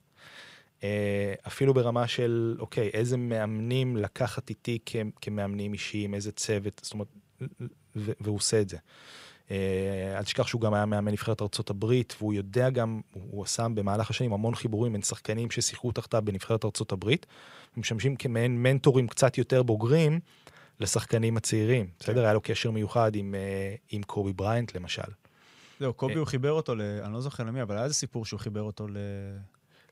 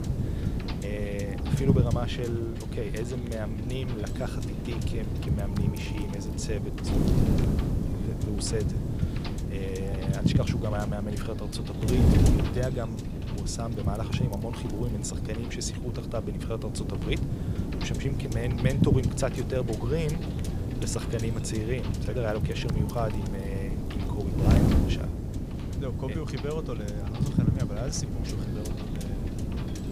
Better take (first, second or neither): first